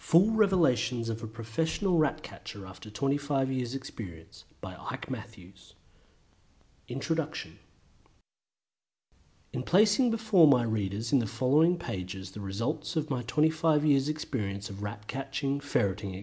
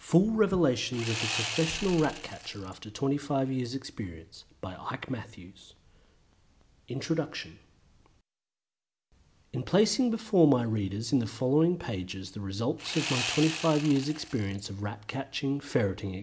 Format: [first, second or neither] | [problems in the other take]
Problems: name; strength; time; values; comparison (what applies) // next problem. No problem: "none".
first | background sound (Sawing); 6 dB below the speech